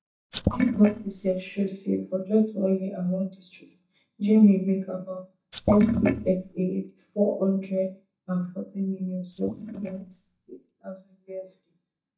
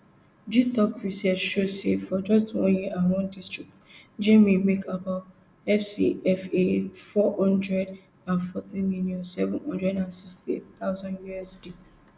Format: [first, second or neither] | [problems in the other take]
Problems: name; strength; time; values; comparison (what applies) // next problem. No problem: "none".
second | noise reduction (neural mask model DeepFilterNet 3)